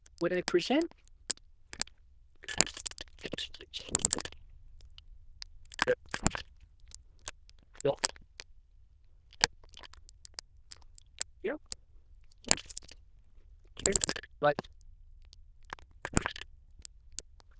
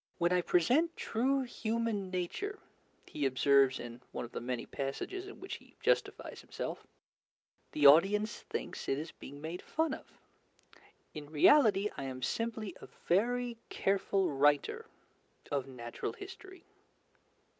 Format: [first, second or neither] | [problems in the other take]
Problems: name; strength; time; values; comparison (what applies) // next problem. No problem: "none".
second | noise reduction (neural diffusion model UNIVERSE++)